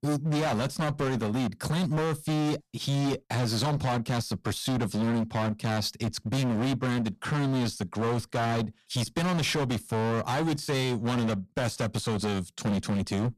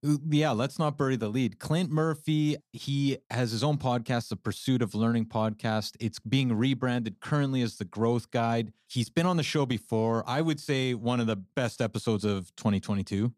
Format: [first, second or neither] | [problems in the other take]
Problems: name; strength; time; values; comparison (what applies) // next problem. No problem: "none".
second | distortion; heavy; 29% of the sound clipped